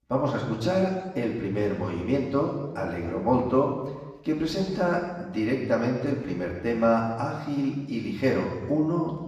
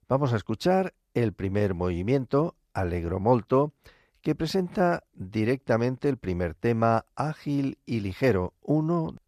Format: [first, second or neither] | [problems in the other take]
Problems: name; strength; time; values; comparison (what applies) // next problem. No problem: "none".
second | room echo; noticeable; dies away in 1.2 s // off-mic speech; far